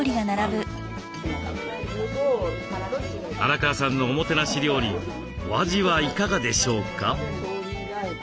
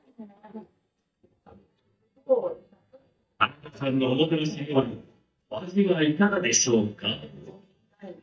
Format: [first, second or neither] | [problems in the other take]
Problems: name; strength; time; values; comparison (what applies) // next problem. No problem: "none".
first | noise reduction (neural mask model DeepFilterNet 3)